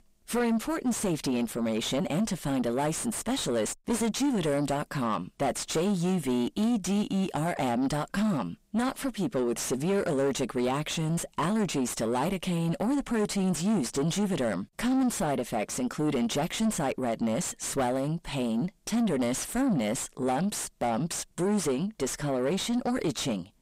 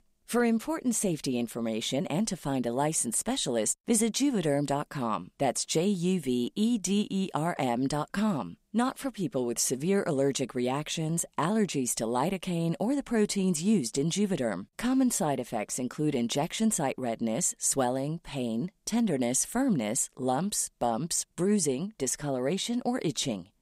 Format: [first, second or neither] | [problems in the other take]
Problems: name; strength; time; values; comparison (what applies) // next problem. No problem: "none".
second | distortion; heavy; 6 dB below the speech